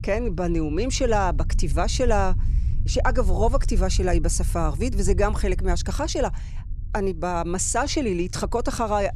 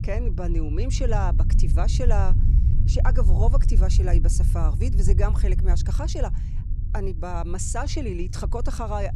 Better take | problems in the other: first | low rumble; loud; throughout; 9 dB below the speech; faint in the first

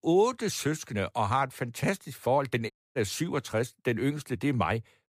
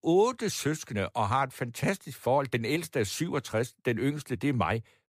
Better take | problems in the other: second | audio cutting out; at 2.5 s

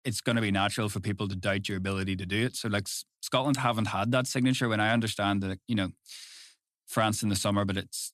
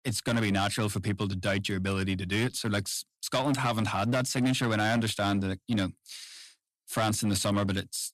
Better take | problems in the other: first | distortion; slight; 9% of the sound clipped

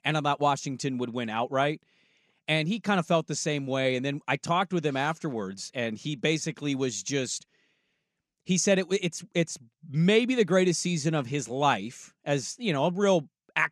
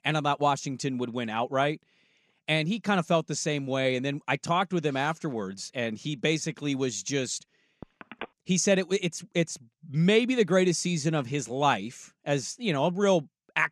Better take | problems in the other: first | phone ringing; faint; at 8 s; peak 15 dB below the speech

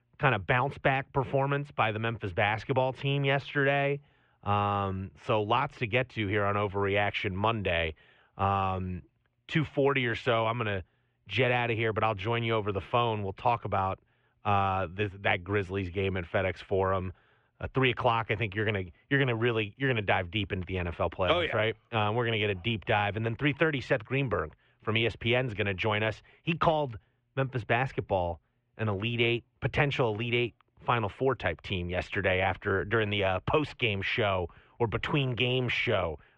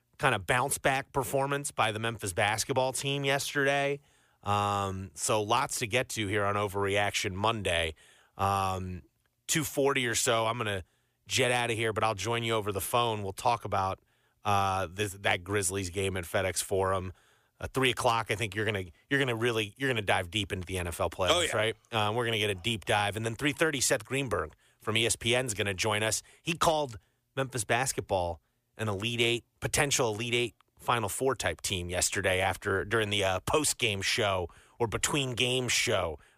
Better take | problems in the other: second | muffled; very; fading above 2.5 kHz

